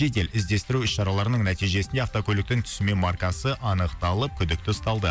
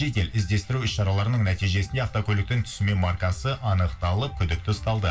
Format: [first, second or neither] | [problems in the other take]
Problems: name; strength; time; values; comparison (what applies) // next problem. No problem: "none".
first | room echo; dies away in 0.2 s